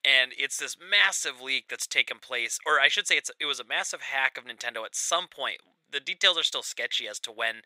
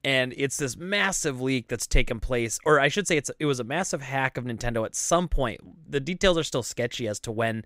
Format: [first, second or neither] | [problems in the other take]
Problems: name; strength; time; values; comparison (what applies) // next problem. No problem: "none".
second | thin; very; fading below 800 Hz